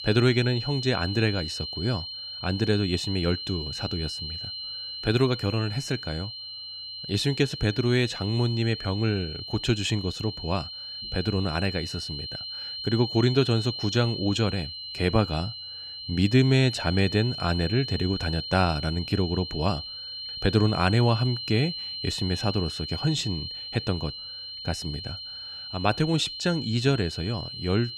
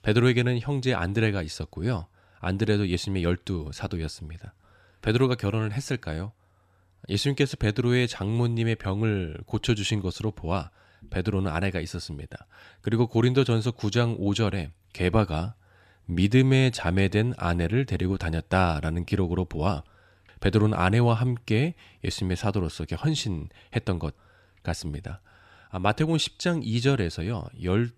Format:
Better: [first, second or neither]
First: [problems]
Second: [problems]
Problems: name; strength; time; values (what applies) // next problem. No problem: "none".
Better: second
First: high-pitched whine; loud; throughout; 4 kHz, 7 dB below the speech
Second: none